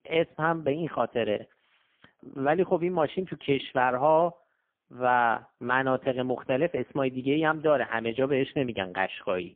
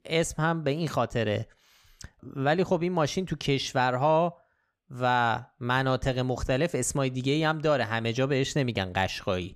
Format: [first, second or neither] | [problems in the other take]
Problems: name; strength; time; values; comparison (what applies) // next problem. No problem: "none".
second | phone-call audio; poor line; nothing above 3.5 kHz